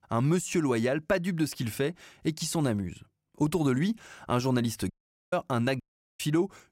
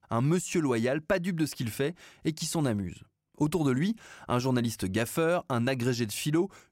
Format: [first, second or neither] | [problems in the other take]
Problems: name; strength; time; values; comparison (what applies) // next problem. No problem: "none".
second | audio cutting out; at 5 s and at 6 s